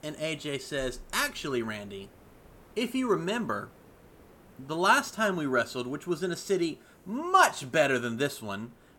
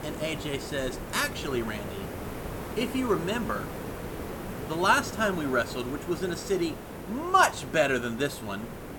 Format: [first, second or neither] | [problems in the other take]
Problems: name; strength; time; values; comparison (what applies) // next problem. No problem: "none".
first | hiss; loud; throughout; 10 dB below the speech; faint in the first